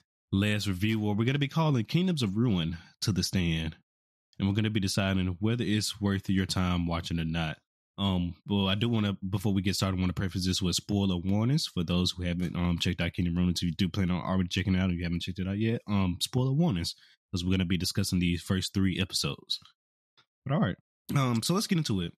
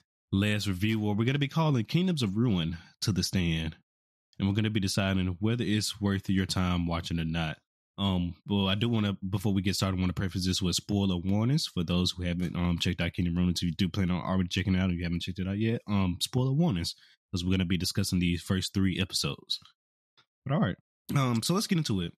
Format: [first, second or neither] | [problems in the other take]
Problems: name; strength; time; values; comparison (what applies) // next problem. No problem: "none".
neither | none